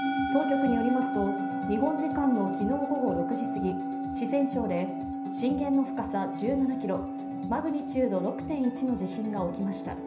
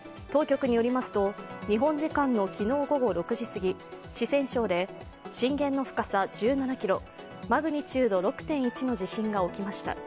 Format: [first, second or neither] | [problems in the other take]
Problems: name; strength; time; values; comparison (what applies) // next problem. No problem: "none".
second | background sound (Musical instrument); 3 dB below the speech // room echo; dies away in 0.5 s